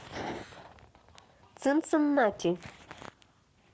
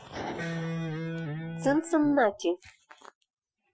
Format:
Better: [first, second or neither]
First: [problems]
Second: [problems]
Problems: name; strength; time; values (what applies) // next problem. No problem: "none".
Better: first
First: none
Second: noise reduction (classical method Wiener filter)